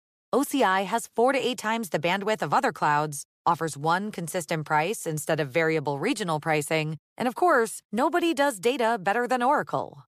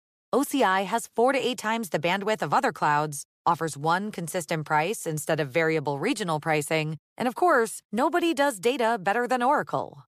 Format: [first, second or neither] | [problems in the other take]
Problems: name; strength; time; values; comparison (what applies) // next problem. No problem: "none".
neither | none